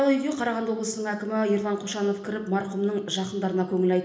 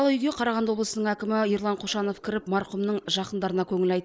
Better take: second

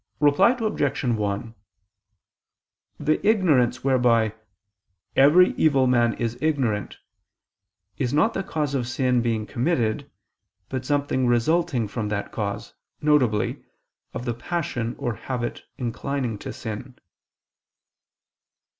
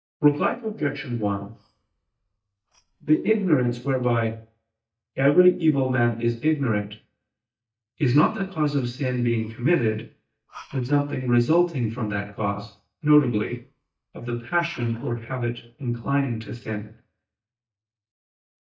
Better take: first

